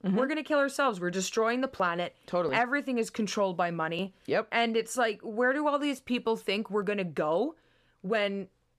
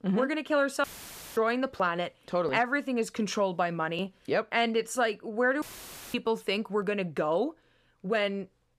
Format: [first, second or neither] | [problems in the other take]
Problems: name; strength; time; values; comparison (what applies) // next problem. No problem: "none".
first | audio cutting out; filled with static; at 1 s for 0.5 s and at 5.5 s for 0.5 s